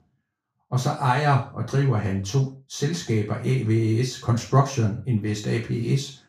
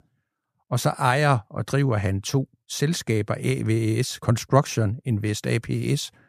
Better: second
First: room echo; slight; dies away in 0.4 s // off-mic speech; far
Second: none

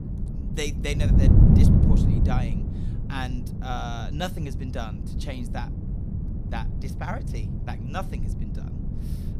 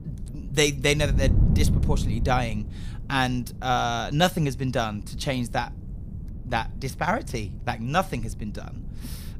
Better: second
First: wind noise on the microphone; heavy; 1 dB below the speech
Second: wind noise on the microphone; occasional gusts; 15 dB below the speech

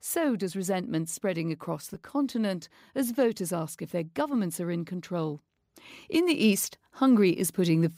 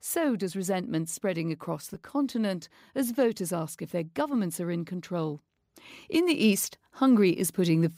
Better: neither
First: none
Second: none

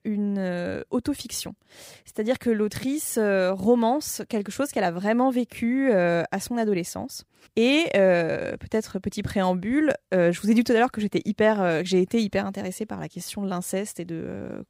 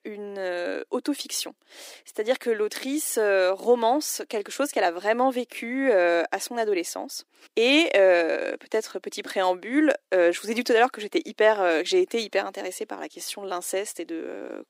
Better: first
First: none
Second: thin; somewhat; fading below 300 Hz

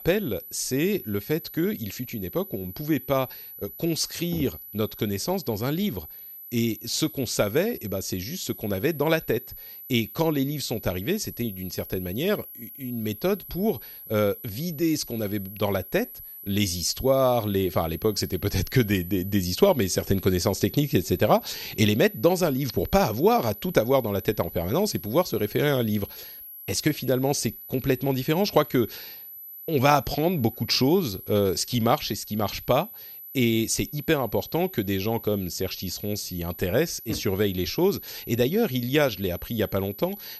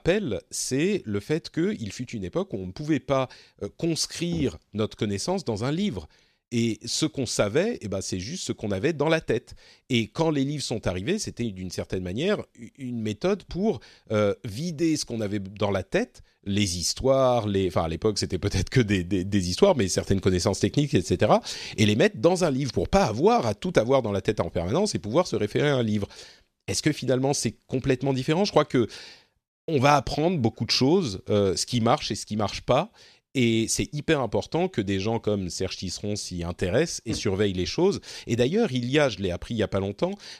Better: second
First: high-pitched whine; noticeable; throughout; 12 kHz, 15 dB below the speech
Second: none

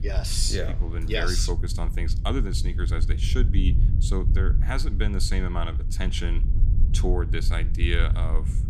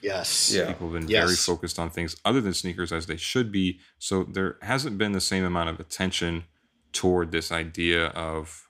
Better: second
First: low rumble; noticeable; throughout; 10 dB below the speech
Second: none

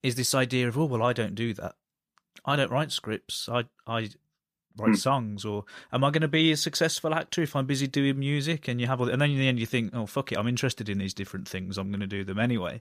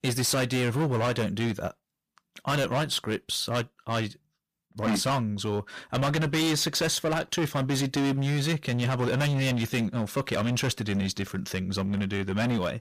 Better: first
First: none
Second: distortion; heavy; 20% of the sound clipped

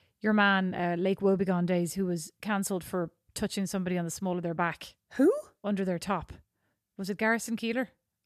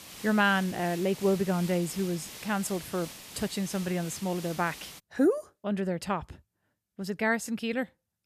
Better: first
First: none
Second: hiss; noticeable; until 5 s; 15 dB below the speech

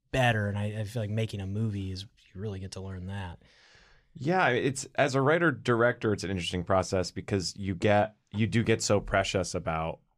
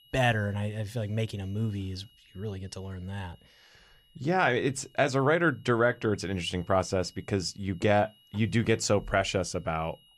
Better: first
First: none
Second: high-pitched whine; faint; throughout; 3 kHz, 30 dB below the speech

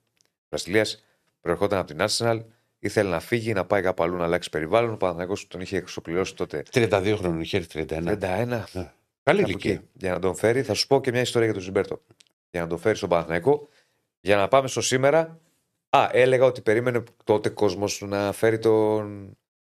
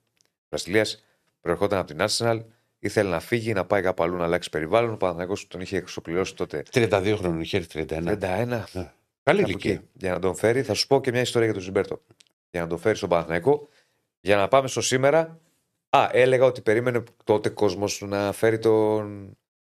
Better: neither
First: none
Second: none

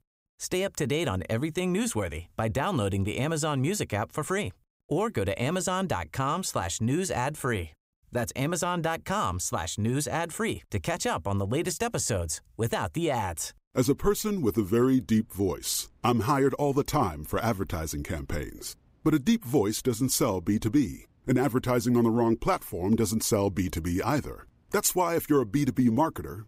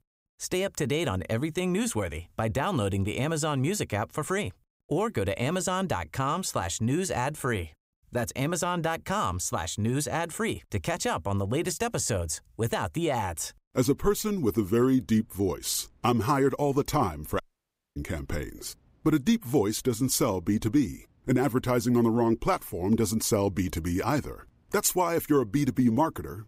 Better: first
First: none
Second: audio cutting out; at 17 s for 0.5 s

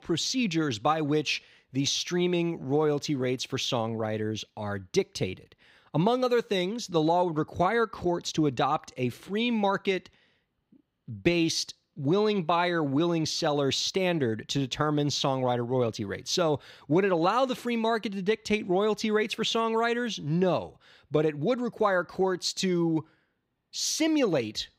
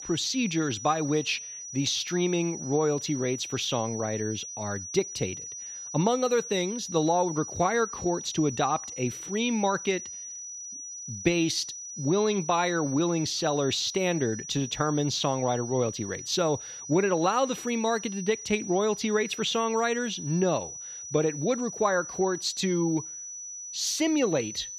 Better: first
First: none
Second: high-pitched whine; loud; throughout; 6 kHz, 9 dB below the speech

